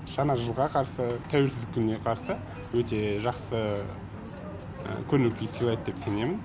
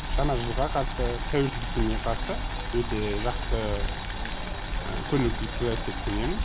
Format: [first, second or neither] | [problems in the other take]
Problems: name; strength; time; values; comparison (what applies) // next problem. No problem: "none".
first | background sound (Boiling); as loud as the speech